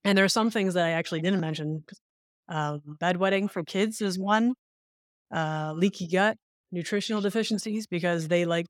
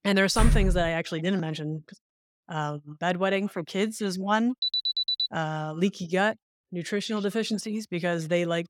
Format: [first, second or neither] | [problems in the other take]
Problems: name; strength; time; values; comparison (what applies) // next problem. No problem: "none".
first | door banging; loud; at 0.5 s; peak 3 dB above the speech // alarm; loud; at 4.5 s; peak 3 dB above the speech